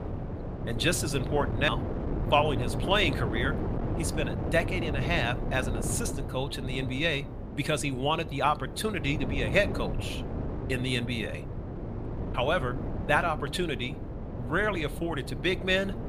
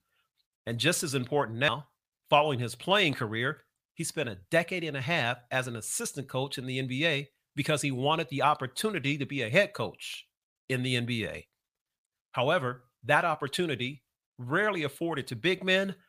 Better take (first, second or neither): second